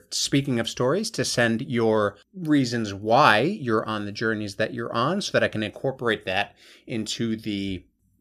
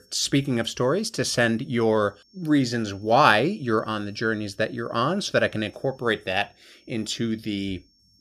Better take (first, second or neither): first